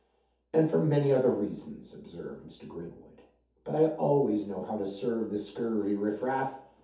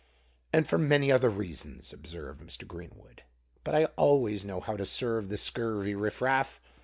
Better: second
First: room echo; dies away in 0.5 s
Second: none

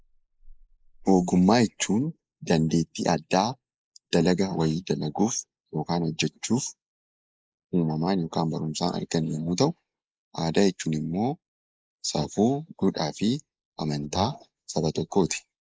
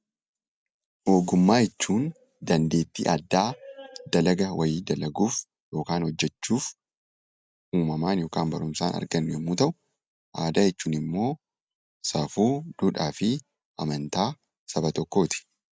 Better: second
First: noise reduction (neural mask model Resemble Enhance denoiser)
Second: none

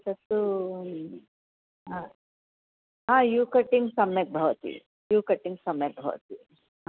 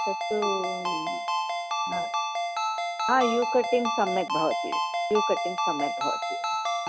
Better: first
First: none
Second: background sound (Ringtone); 1 dB above the speech

